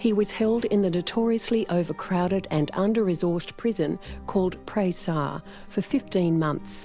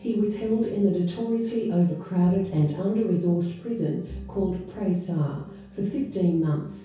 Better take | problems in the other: first | room echo; dies away in 0.6 s

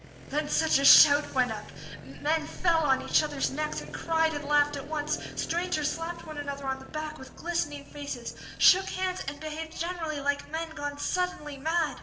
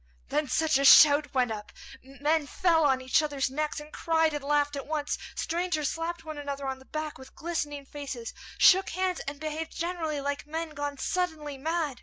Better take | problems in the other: second | background sound (Motorcycle); 15 dB below the speech // room echo; dies away in 1.9 s

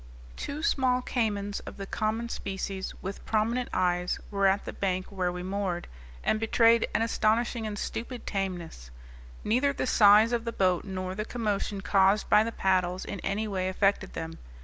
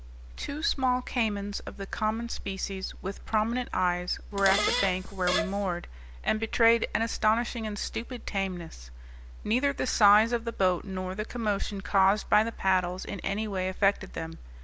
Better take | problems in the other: first | background sound (Fart); 3 dB below the speech

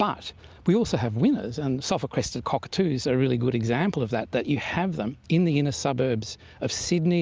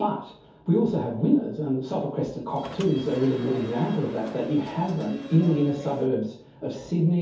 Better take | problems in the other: first | background sound (Subway, metro, underground / Sliding door); 13 dB below the speech // room echo; dies away in 0.6 s

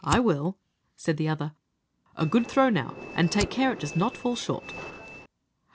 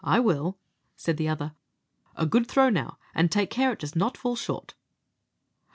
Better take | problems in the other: second | background sound (Train + Fire); 13 dB below the speech

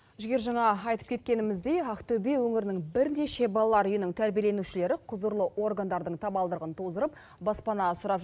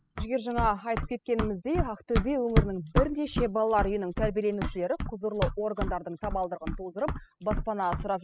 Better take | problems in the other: first | noise reduction (classical method spectral subtraction)

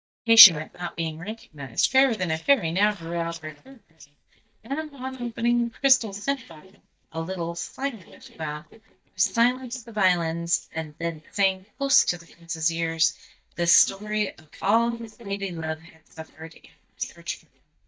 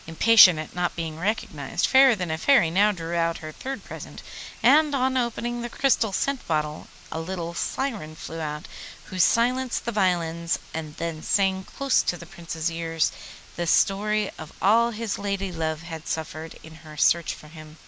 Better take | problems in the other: second | noise reduction (neural mask model DeepFilterNet 3)

